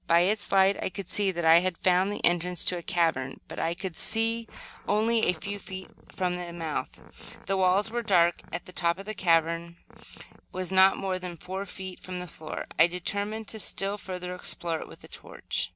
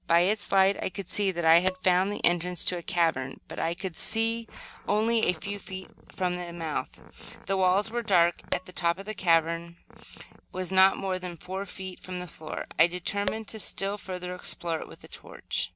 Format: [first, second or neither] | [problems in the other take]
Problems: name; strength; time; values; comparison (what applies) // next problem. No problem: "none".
first | background sound (Tap / Glass); 6 dB below the speech